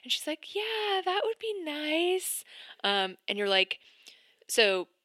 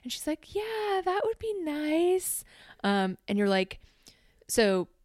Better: second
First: thin; somewhat; fading below 400 Hz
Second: none

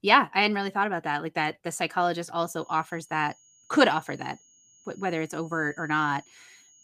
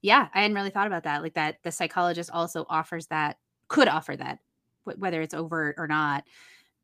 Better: second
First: high-pitched whine; faint; from 2.5 s on; 6.5 kHz, 30 dB below the speech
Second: none

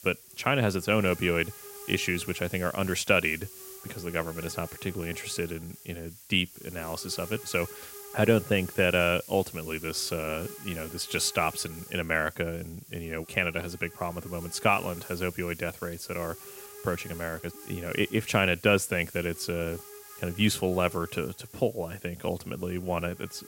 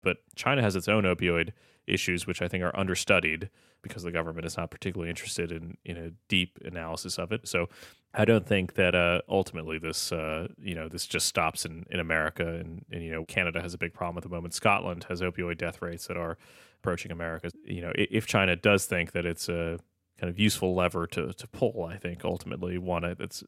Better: second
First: hiss; noticeable; throughout; 15 dB below the speech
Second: none

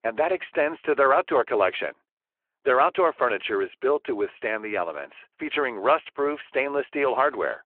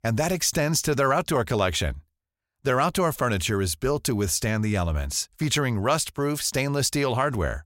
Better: second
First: phone-call audio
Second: none

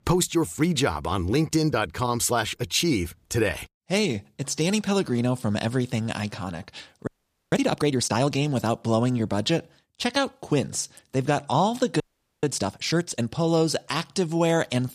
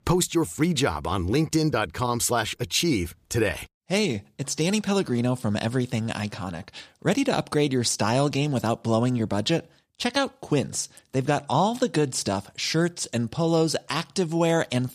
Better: second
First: audio freezing; at 7 s and at 12 s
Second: none

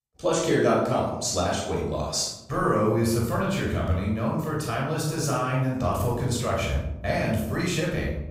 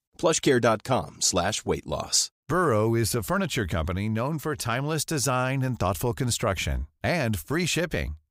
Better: second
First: off-mic speech; far // room echo; noticeable; dies away in 0.8 s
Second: none

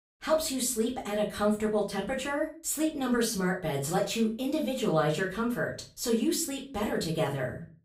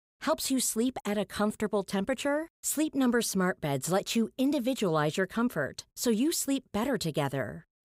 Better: second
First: off-mic speech; far // room echo; very slight; dies away in 0.3 s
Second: none

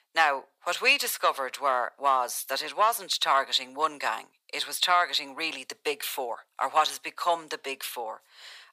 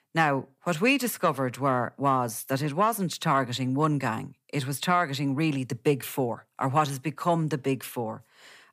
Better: second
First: thin; very; fading below 600 Hz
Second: none

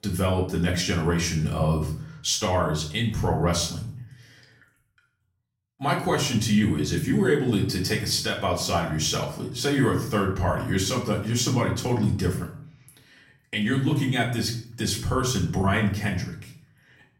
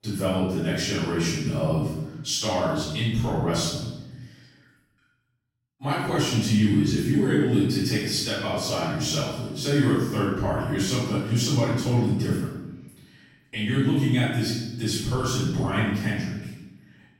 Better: first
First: room echo; slight; dies away in 0.5 s // off-mic speech; far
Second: room echo; strong; dies away in 1 s // off-mic speech; far

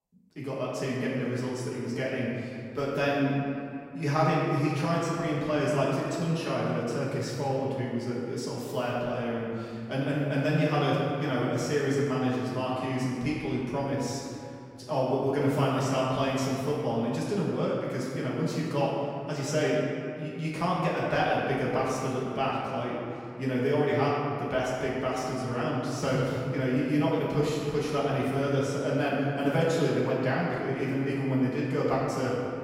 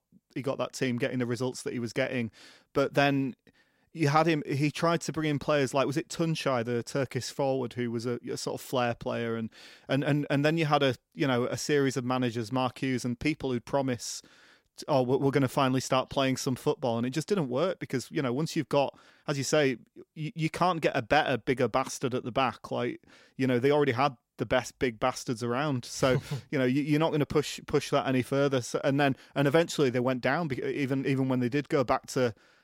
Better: second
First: off-mic speech; far // room echo; strong; dies away in 2.3 s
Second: none

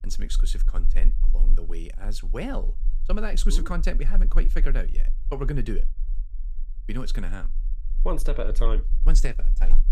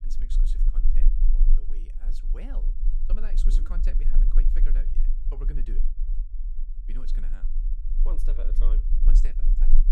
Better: first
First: low rumble; faint; throughout; 20 dB below the speech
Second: low rumble; loud; throughout; 5 dB below the speech

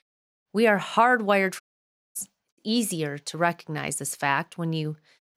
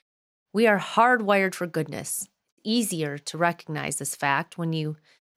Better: second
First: audio cutting out; at 1.5 s for 0.5 s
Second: none

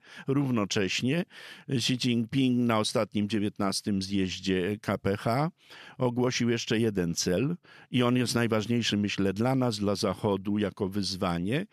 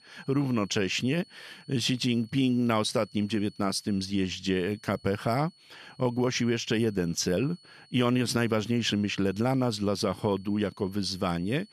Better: first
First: none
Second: high-pitched whine; faint; throughout; 4.5 kHz, 25 dB below the speech

